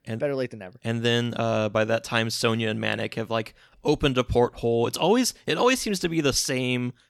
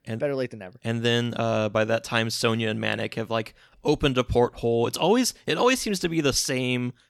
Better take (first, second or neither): neither